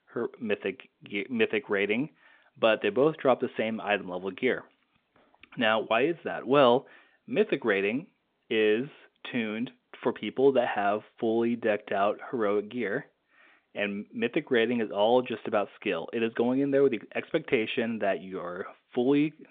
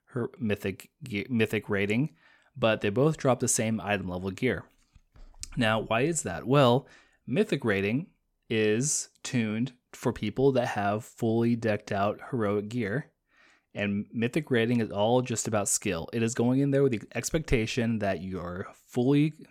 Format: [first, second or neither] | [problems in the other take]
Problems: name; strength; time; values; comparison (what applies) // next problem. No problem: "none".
second | phone-call audio